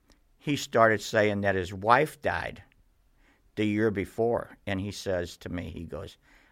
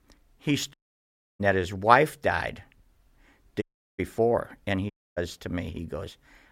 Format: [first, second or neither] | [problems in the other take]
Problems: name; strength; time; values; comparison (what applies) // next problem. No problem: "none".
first | audio cutting out; at 0.5 s for 0.5 s, at 3.5 s and at 5 s